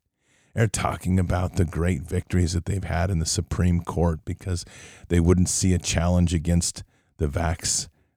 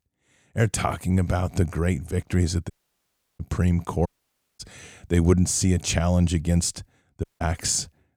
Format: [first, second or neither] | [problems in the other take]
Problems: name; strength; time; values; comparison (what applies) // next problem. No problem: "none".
first | audio cutting out; at 2.5 s for 0.5 s, at 4 s for 0.5 s and at 7 s